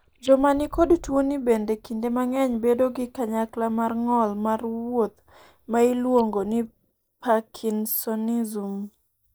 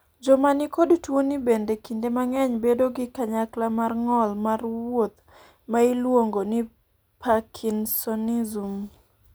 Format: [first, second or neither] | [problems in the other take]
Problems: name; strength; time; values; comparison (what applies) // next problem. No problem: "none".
second | noise reduction (neural mask model DeepFilterNet 3)